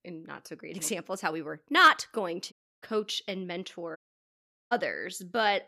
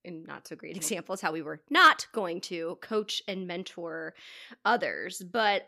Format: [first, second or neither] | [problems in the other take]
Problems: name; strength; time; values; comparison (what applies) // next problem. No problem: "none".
second | audio cutting out; at 2.5 s and at 4 s for 1 s